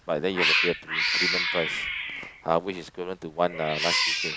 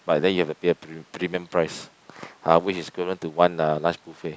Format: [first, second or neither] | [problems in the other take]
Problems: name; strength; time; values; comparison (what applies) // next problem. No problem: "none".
second | background sound (Cat); 2 dB above the speech